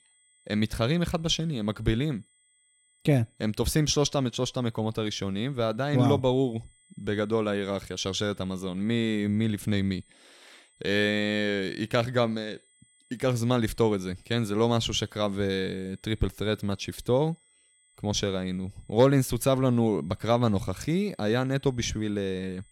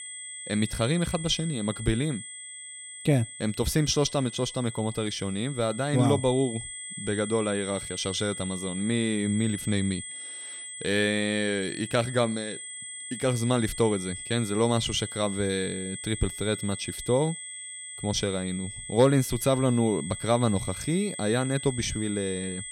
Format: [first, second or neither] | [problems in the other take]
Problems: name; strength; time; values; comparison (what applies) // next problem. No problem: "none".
first | high-pitched whine; loud; throughout; 8 kHz, 9 dB below the speech; faint in the first